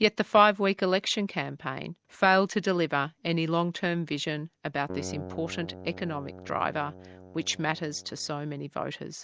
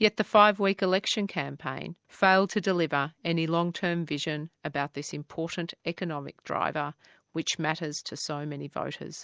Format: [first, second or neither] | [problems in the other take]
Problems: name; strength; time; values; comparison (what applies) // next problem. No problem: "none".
second | background sound (Keyboard (musical)); 15 dB below the speech